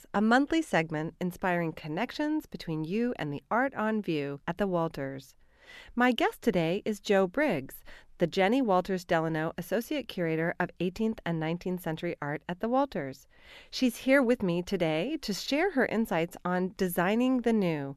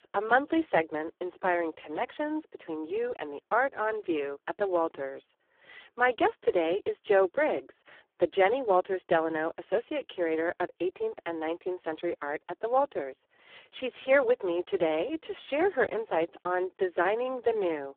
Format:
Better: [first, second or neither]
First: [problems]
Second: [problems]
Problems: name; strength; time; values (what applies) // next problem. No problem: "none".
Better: first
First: none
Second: phone-call audio; poor line